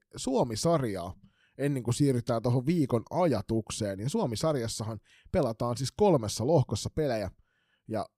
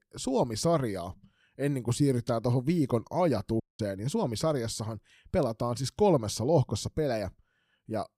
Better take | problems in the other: first | audio cutting out; at 3.5 s

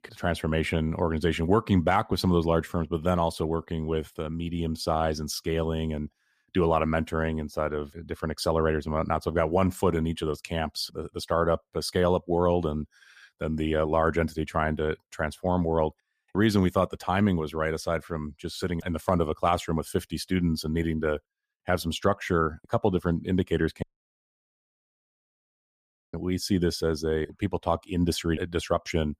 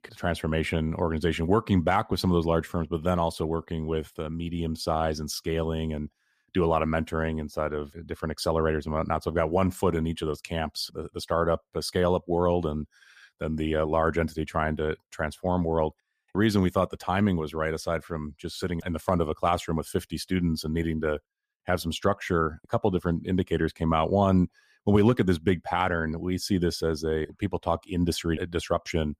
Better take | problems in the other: second | audio cutting out; at 24 s for 2.5 s

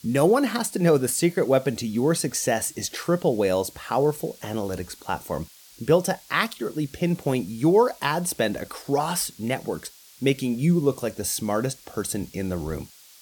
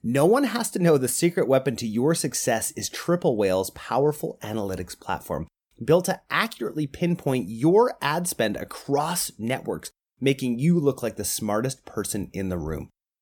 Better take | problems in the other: second | hiss; faint; throughout; 25 dB below the speech

